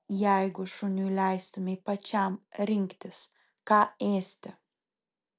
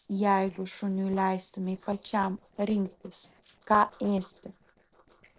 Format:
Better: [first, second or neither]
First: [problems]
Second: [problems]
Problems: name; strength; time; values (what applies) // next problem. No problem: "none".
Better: first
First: none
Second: noise reduction (neural separator model SepFormer DNS4)